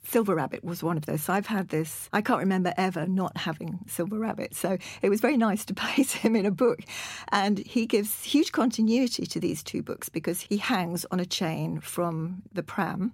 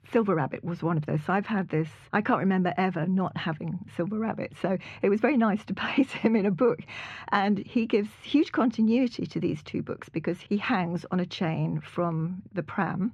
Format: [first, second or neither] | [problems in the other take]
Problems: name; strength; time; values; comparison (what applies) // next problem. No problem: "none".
first | muffled; slightly; fading above 2.5 kHz